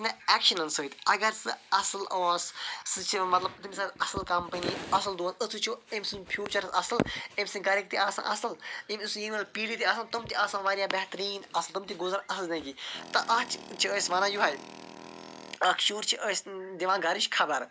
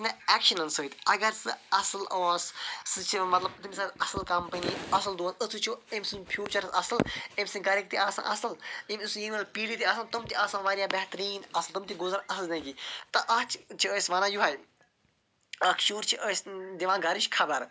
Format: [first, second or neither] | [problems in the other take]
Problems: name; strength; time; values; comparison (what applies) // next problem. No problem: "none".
second | background sound (Tools); 16 dB below the speech